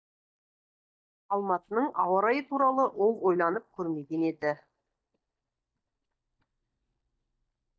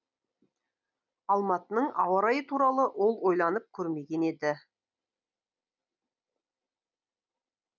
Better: second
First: noise reduction (neural mask model DeepFilterNet 3)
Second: none

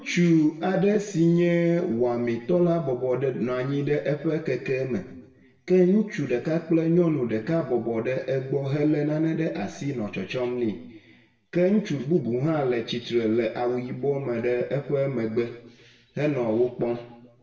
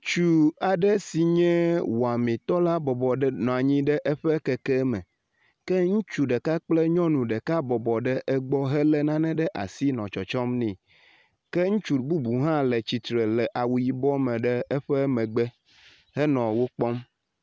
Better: second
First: room echo; dies away in 0.8 s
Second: none

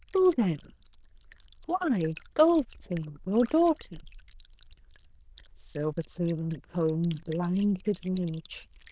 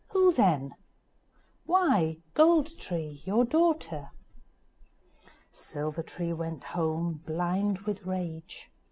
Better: second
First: noise reduction (neural diffusion model UNIVERSE++)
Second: none

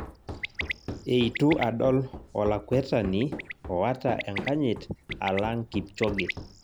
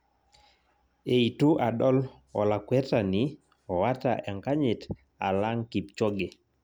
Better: second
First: background sound (Bird + Run); 9 dB below the speech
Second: none

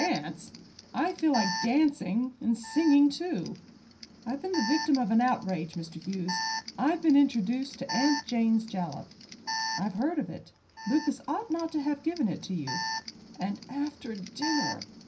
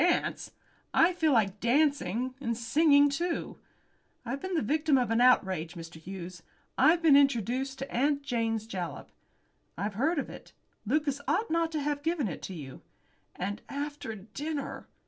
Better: second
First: background sound (Alarm); 10 dB below the speech // room echo; dies away in 0.4 s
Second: none

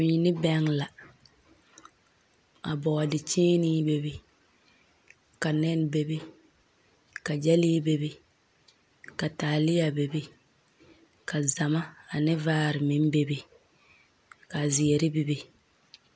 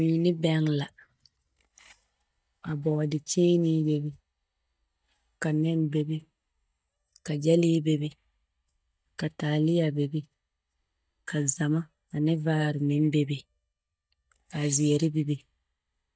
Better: first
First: none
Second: noise reduction (neural mask model DeepFilterNet 3)

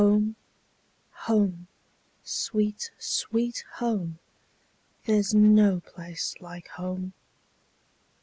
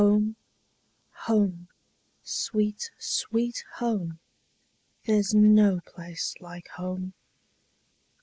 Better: first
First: none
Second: noise reduction (neural mask model Resemble Enhance denoiser)

